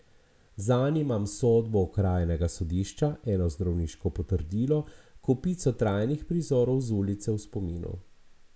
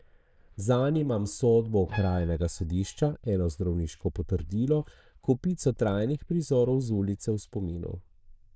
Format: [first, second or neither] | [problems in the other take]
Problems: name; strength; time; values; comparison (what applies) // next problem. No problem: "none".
first | noise reduction (neural diffusion model UNIVERSE++)